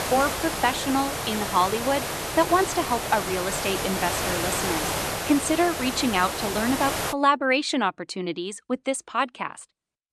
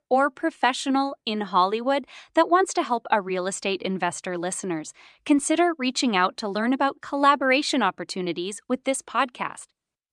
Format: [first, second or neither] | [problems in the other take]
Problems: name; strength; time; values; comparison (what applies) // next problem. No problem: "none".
second | hiss; loud; until 7 s; 3 dB below the speech